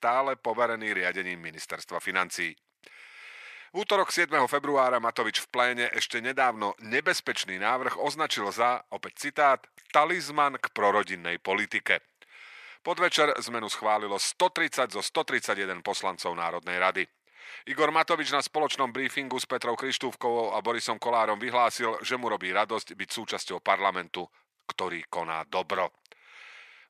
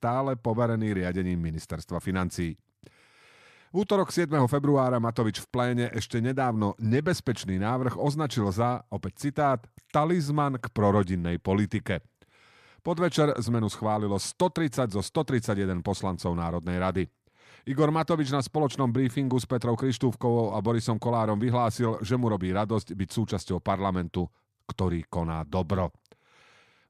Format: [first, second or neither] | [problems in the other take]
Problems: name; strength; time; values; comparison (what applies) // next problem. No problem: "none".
second | thin; very; fading below 550 Hz